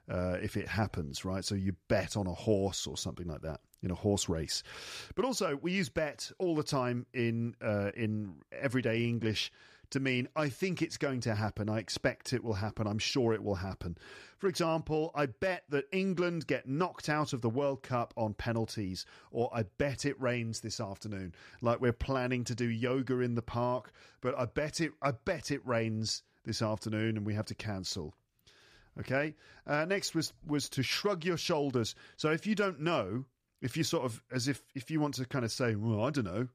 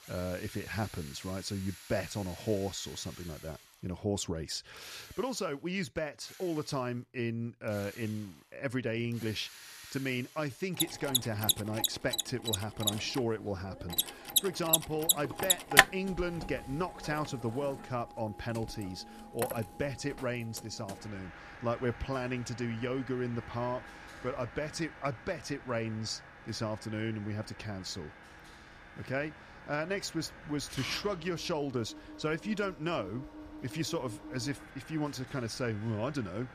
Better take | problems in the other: first | machinery noise; very loud; throughout; 4 dB above the speech

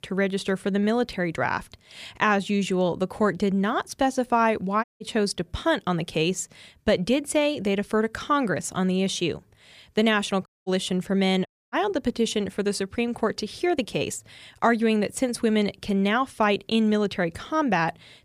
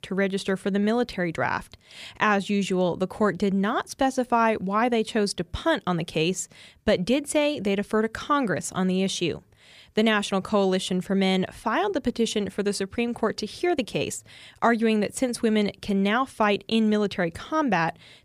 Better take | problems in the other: second | audio cutting out; at 5 s, at 10 s and at 11 s

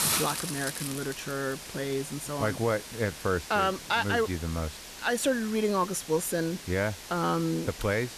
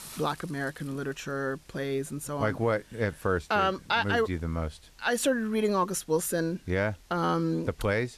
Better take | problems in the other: second | hiss; loud; throughout; 8 dB below the speech; faint in the second

